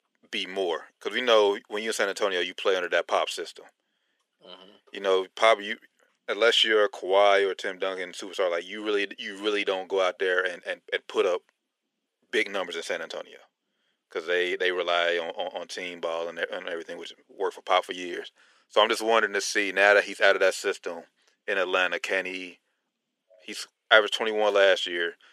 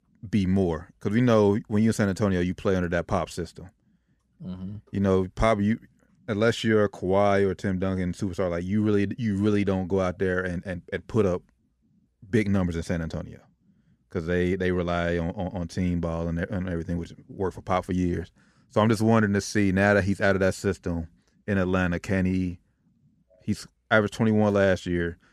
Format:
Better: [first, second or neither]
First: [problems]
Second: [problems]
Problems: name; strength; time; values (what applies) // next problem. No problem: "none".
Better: second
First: thin; very; fading below 400 Hz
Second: none